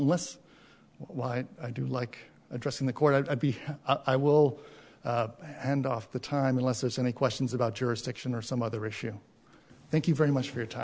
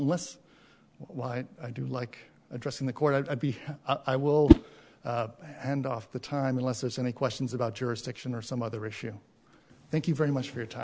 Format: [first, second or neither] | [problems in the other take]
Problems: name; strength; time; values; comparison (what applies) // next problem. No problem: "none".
first | background sound (Whoosh, swoosh, swish); 4 dB above the speech